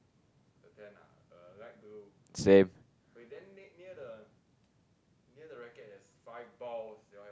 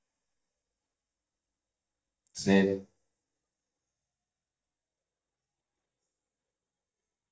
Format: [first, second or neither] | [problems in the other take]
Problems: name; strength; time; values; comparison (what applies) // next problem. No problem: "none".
first | noise reduction (neural mask model DeepFilterNet 3)